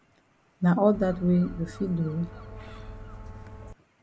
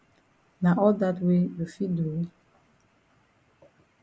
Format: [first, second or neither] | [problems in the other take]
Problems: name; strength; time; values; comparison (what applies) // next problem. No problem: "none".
second | background sound (Gull, seagull); 13 dB below the speech